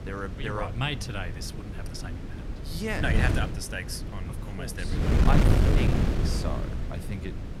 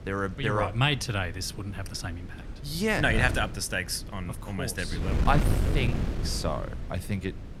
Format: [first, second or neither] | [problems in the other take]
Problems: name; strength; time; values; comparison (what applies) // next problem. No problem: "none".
second | wind noise on the microphone; heavy; 2 dB below the speech; occasional gusts in the second